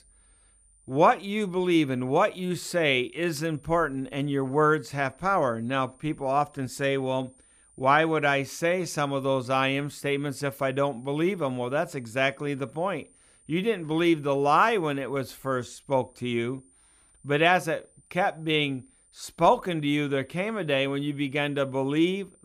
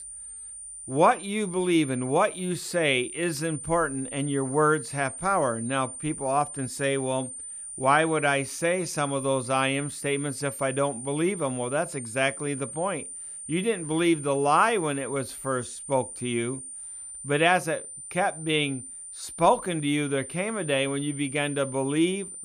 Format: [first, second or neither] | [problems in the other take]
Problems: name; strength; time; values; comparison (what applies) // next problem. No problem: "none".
first | high-pitched whine; loud; throughout; 9 kHz, 10 dB below the speech; faint in the first